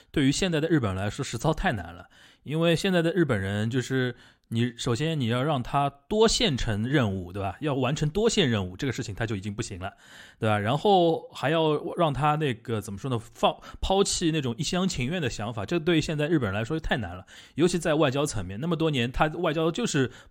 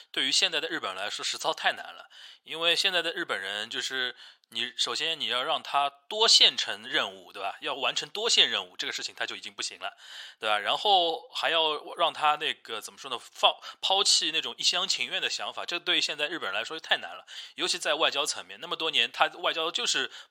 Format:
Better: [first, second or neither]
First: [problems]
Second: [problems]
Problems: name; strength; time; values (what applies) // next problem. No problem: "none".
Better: first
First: none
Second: thin; very; fading below 850 Hz